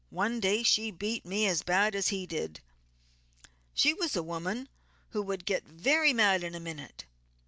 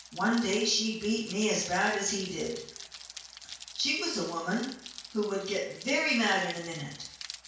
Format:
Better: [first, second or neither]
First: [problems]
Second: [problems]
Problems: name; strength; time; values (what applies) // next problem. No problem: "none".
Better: first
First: none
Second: background sound (Rain); 15 dB below the speech // room echo; dies away in 0.5 s